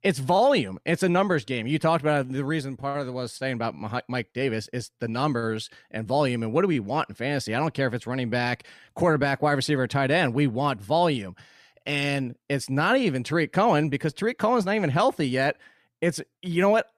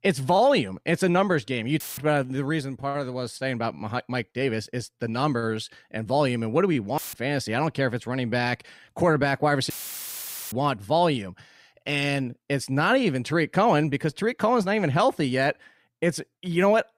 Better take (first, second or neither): first